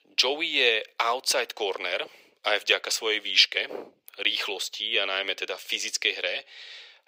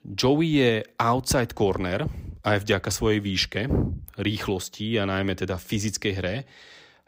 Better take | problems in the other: second | thin; very; fading below 450 Hz

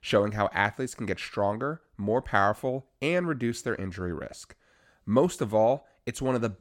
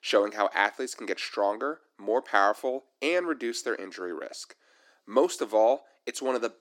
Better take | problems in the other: first | thin; somewhat; fading below 300 Hz

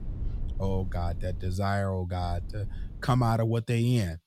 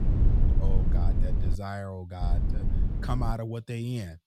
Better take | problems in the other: first | low rumble; loud; until 1.5 s and from 2 to 3.5 s; 4 dB below the speech; faint in the first

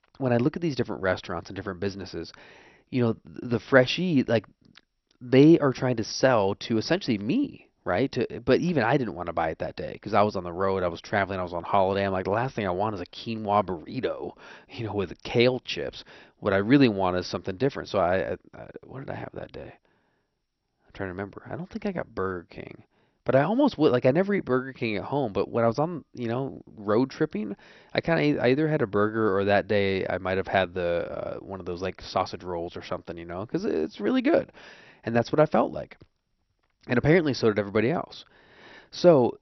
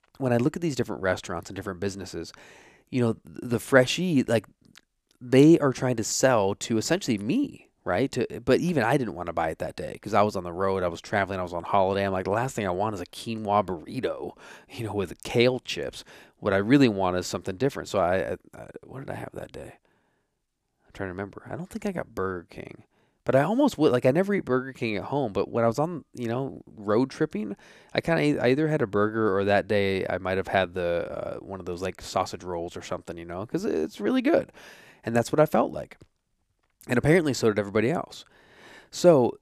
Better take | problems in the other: second | garbled, watery; slightly; nothing above 6 kHz

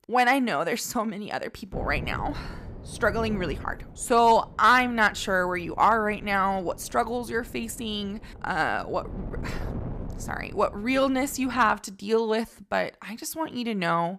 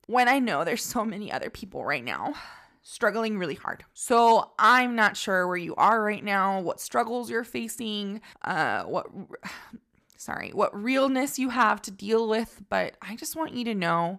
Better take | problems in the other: second | wind noise on the microphone; occasional gusts; from 1.5 to 12 s; 25 dB below the speech

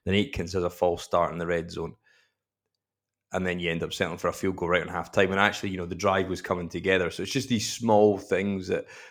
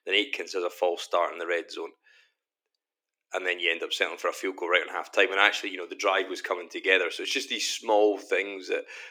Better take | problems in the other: first | thin; very; fading below 300 Hz

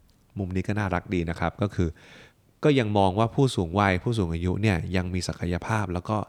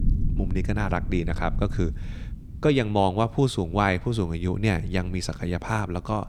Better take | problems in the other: first | low rumble; faint; throughout; 20 dB below the speech

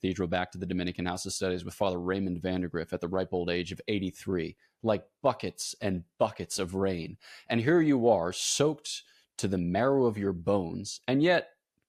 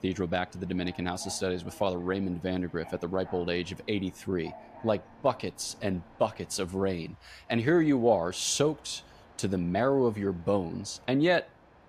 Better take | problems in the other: first | train or aircraft noise; faint; throughout; 20 dB below the speech

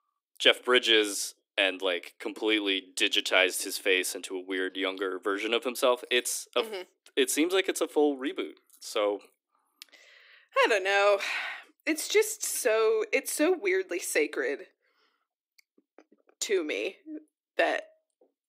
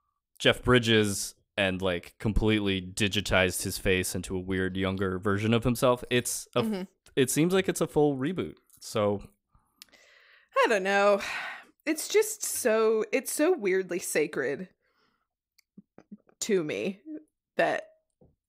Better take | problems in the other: second | thin; somewhat; fading below 300 Hz

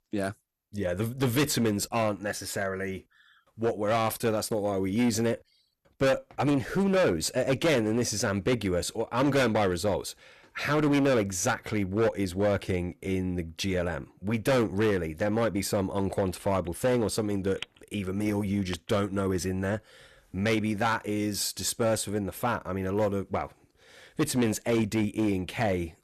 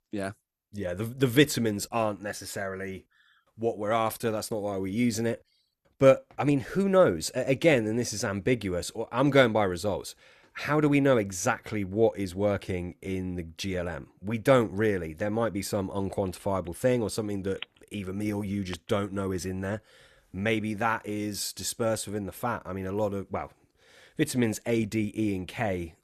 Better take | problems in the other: second | distortion; heavy; 9% of the sound clipped

